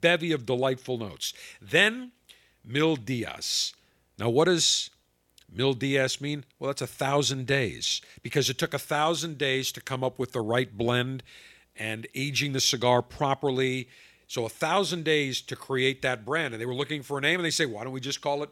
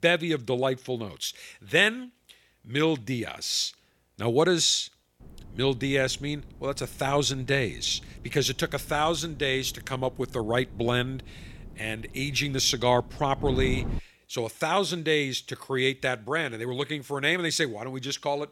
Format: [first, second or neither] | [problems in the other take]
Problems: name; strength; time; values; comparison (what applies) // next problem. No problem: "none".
first | wind noise on the microphone; occasional gusts; from 5 to 14 s; 25 dB below the speech